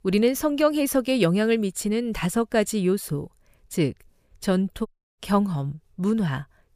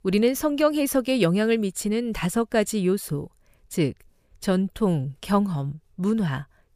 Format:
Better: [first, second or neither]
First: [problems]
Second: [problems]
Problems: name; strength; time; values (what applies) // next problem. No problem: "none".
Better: second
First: audio cutting out; at 5 s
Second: none